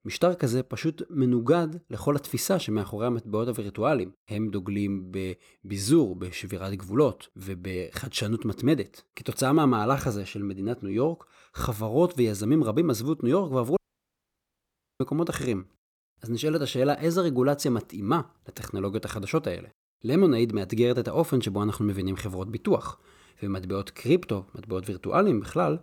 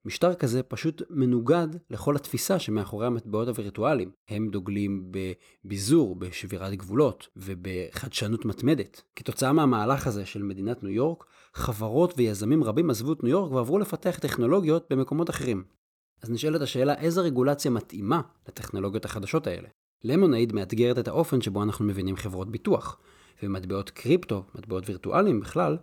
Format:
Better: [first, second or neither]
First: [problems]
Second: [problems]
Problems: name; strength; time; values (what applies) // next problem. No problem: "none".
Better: second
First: audio cutting out; at 14 s for 1 s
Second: none